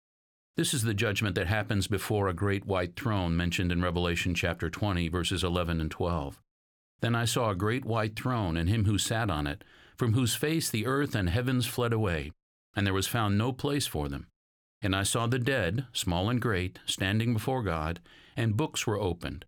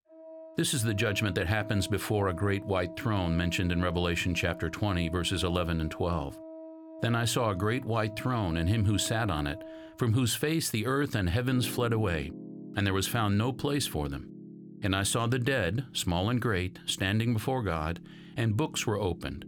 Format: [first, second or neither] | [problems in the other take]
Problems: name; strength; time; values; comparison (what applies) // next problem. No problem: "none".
first | background music; noticeable; throughout; 15 dB below the speech